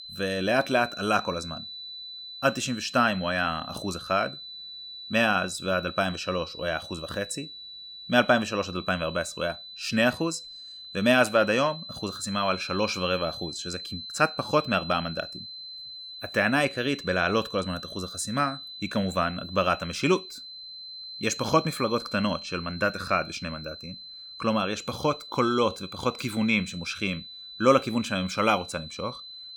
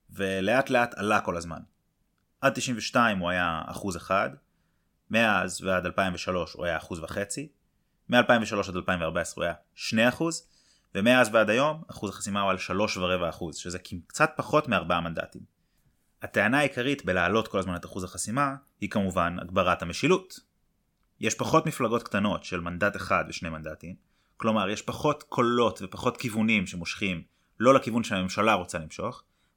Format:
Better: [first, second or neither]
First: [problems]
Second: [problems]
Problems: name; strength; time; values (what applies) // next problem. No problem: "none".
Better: second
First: high-pitched whine; noticeable; throughout; 4 kHz, 10 dB below the speech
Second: none